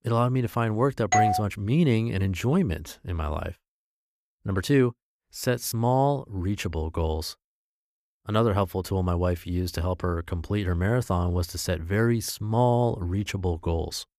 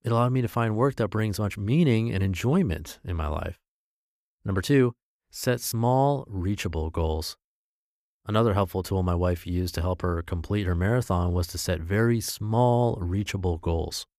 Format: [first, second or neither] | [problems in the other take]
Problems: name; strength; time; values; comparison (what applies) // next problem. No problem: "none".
second | doorbell; loud; at 1 s; peak 3 dB above the speech